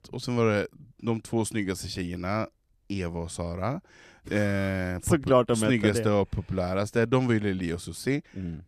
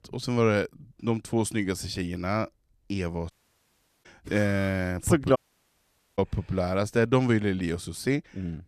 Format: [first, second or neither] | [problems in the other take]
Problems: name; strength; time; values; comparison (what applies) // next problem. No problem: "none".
first | audio cutting out; at 3.5 s for 0.5 s and at 5.5 s for 1 s